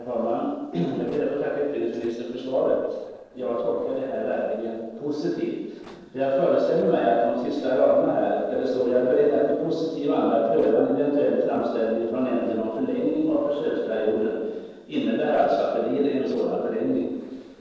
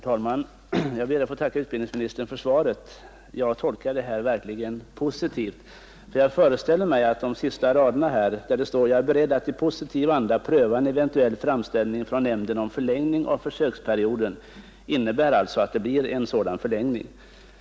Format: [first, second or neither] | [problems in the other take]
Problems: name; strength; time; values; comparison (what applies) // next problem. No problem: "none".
second | noise reduction (neural separator model SepFormer DNS4)